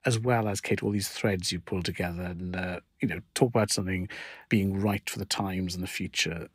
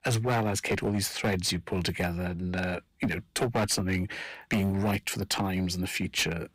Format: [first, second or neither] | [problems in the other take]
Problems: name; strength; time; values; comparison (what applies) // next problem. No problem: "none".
first | distortion; heavy; 8% of the sound clipped